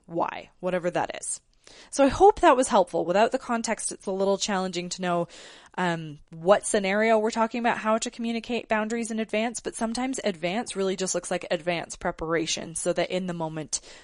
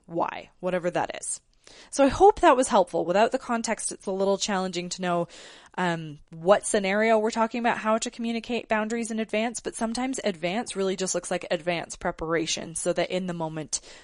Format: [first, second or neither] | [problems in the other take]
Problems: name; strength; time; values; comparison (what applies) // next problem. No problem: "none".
neither | garbled, watery; slightly; nothing above 10.5 kHz; the same in both